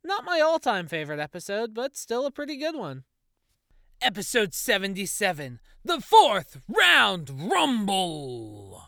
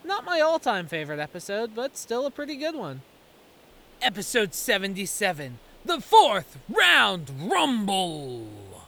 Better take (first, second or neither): first